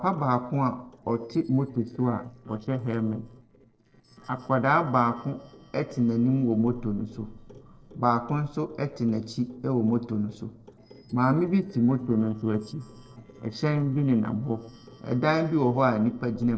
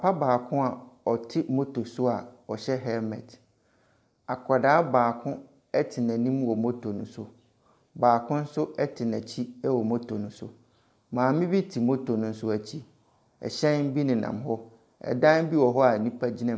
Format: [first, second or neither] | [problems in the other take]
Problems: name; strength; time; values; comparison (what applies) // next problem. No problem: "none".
second | noise reduction (neural separator model SepFormer DNS4)